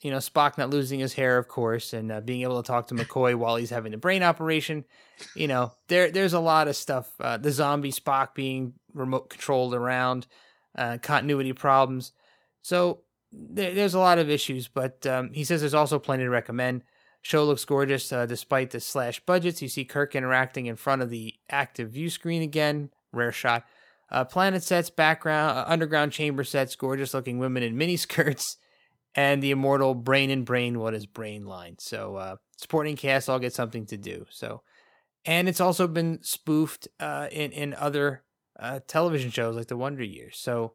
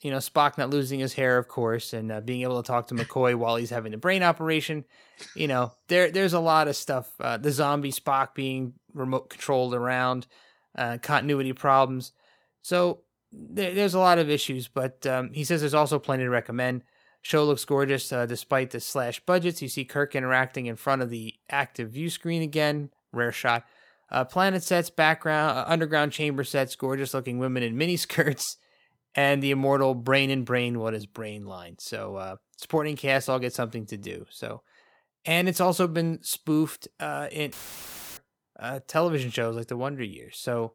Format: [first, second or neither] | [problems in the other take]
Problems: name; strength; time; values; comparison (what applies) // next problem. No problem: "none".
first | audio cutting out; filled with static; at 38 s for 0.5 s